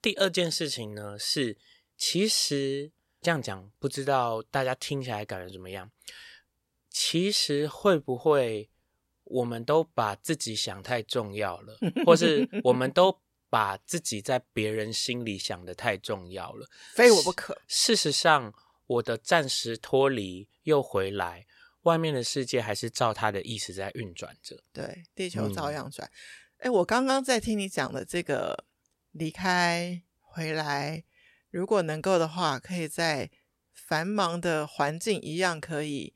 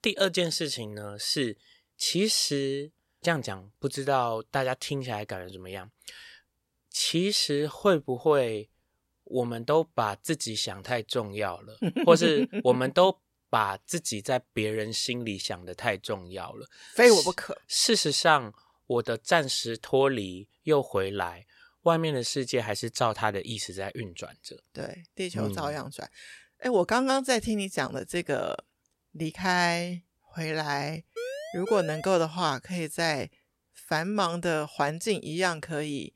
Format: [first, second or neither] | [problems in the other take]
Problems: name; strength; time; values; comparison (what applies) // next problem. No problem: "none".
first | siren; noticeable; at 31 s; peak 9 dB below the speech